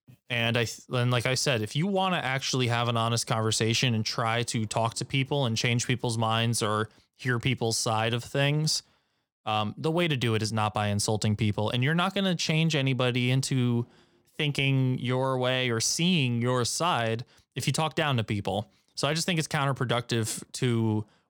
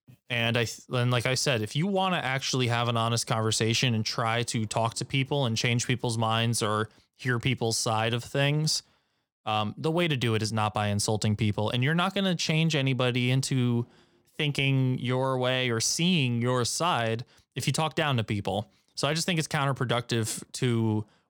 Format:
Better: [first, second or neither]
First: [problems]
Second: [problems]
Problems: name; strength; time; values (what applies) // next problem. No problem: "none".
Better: neither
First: none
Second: none